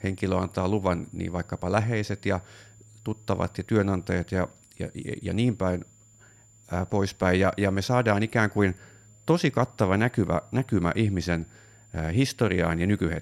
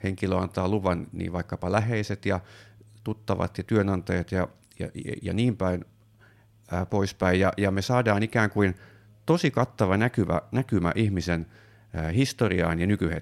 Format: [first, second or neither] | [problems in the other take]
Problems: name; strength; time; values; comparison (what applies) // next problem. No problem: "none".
second | high-pitched whine; faint; throughout; 7 kHz, 30 dB below the speech